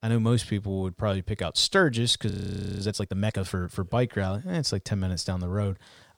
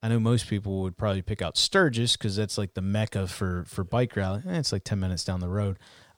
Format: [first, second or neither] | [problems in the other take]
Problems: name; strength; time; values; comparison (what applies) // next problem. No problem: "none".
second | audio freezing; at 2.5 s for 0.5 s